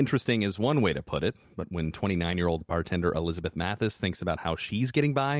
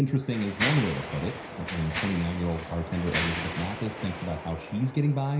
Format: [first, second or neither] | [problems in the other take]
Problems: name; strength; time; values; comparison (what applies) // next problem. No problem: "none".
first | background sound (Mechanisms); 7 dB below the speech // room echo; dies away in 0.5 s